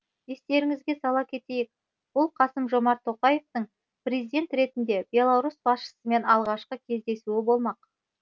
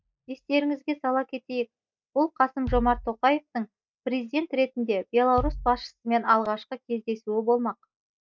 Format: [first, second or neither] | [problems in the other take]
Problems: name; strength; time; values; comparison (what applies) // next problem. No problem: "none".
first | noise reduction (neural mask model DeepFilterNet 3)